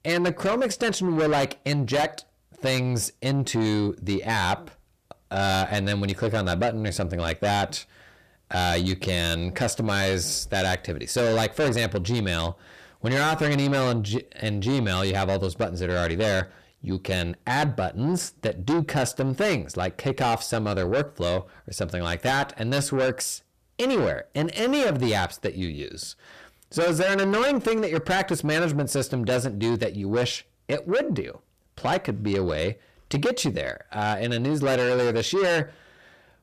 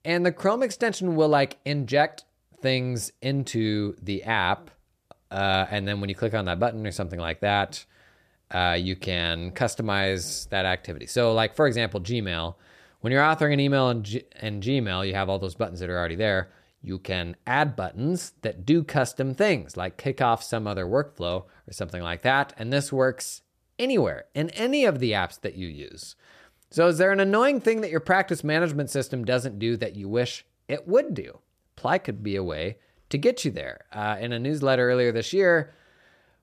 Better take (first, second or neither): second